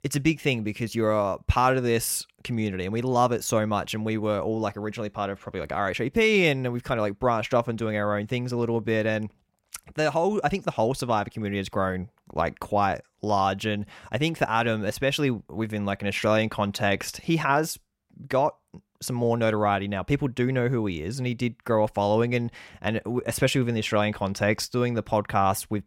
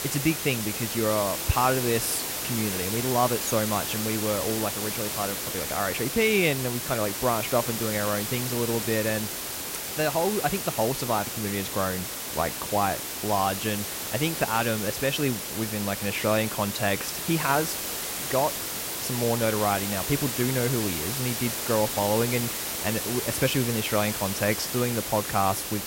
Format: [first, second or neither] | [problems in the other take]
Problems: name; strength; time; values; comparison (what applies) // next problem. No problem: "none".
first | hiss; loud; throughout; 2 dB below the speech